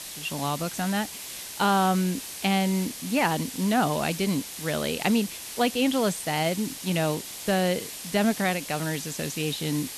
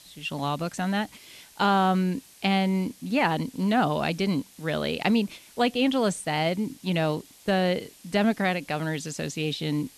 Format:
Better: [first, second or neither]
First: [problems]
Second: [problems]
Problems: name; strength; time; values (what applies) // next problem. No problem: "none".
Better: second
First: hiss; loud; throughout; 9 dB below the speech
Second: hiss; faint; throughout; 25 dB below the speech